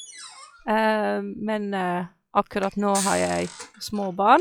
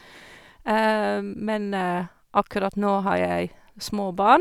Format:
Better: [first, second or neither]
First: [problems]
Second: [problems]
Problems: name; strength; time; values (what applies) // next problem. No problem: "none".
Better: second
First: noise reduction (classical method log-MMSE)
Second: none